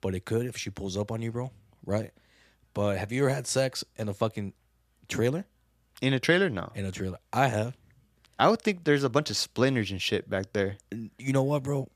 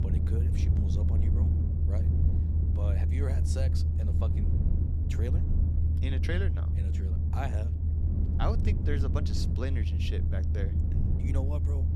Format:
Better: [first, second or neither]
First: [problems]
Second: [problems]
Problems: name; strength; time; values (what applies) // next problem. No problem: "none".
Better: first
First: none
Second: low rumble; loud; throughout; 2 dB below the speech